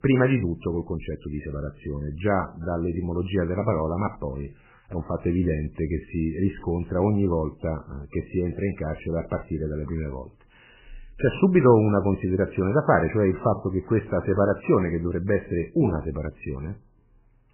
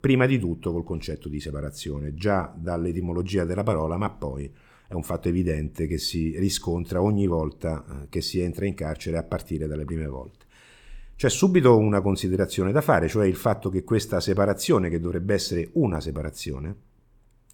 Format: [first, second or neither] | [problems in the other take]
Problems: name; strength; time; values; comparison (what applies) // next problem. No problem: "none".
second | garbled, watery; badly; nothing above 3 kHz